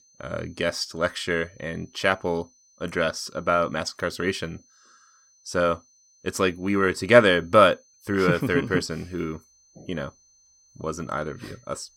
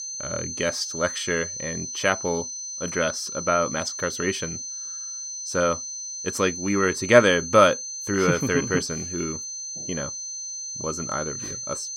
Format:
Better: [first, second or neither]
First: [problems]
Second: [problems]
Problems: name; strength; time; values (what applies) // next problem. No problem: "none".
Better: first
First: high-pitched whine; faint; throughout; 6 kHz, 30 dB below the speech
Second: high-pitched whine; loud; throughout; 6 kHz, 6 dB below the speech